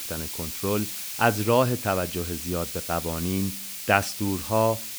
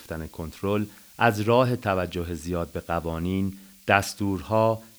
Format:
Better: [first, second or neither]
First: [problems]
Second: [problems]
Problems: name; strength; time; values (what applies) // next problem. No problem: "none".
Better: second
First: hiss; loud; throughout; 6 dB below the speech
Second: hiss; faint; throughout; 25 dB below the speech